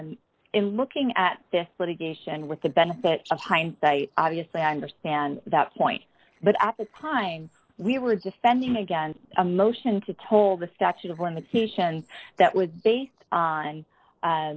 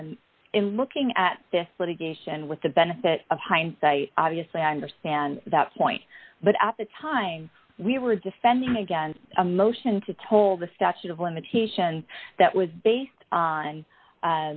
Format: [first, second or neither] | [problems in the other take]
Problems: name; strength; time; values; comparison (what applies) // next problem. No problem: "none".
second | noise reduction (neural separator model SepFormer DNS4)